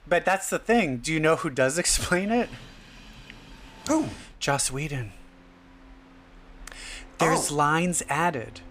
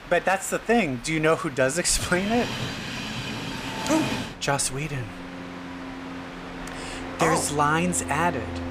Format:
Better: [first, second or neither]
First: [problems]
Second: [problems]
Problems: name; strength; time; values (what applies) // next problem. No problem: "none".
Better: first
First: train or aircraft noise; faint; throughout; 25 dB below the speech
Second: train or aircraft noise; loud; throughout; 9 dB below the speech